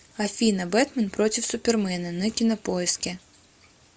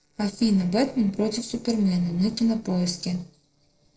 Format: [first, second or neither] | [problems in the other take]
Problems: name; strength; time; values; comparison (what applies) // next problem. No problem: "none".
first | noise reduction (neural separator model SepFormer DNS4)